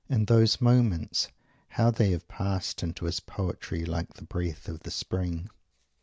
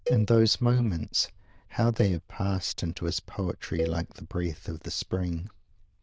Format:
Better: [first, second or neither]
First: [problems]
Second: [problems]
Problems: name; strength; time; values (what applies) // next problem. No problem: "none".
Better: first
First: none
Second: noise reduction (neural diffusion model UNIVERSE++)